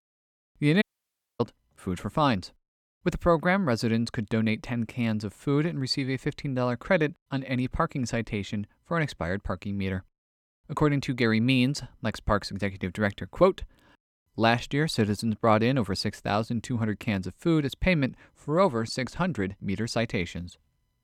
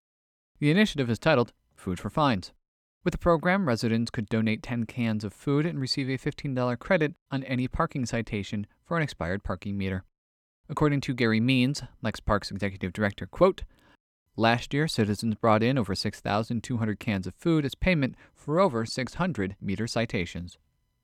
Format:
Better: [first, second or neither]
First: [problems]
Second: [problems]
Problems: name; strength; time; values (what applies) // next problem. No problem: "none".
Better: second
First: audio cutting out; at 1 s for 0.5 s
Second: none